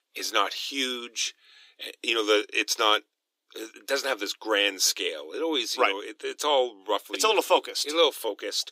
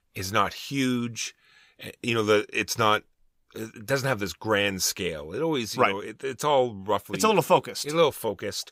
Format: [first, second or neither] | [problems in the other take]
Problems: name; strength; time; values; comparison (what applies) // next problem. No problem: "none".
second | thin; somewhat; fading below 300 Hz